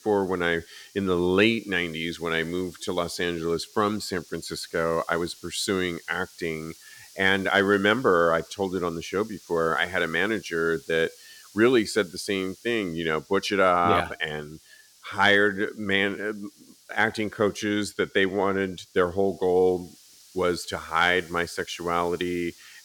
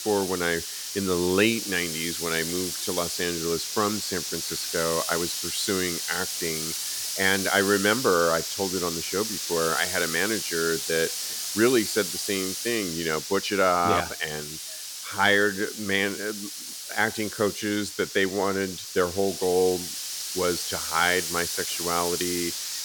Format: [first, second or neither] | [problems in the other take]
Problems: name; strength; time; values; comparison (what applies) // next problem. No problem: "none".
first | hiss; loud; throughout; 3 dB below the speech; faint in the first